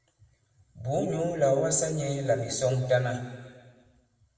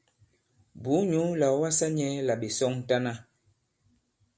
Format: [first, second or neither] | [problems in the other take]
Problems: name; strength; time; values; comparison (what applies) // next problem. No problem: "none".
second | room echo; dies away in 1.6 s